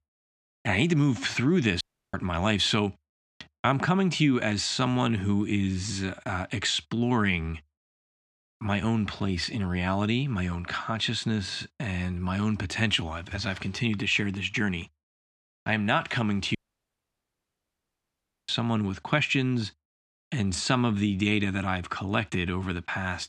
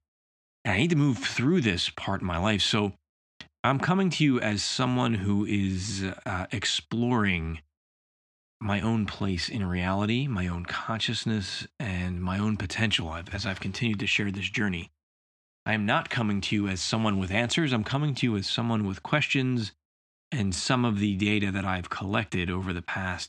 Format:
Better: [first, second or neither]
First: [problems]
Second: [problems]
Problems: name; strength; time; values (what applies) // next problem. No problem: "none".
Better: second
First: audio cutting out; at 2 s and at 17 s for 2 s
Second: none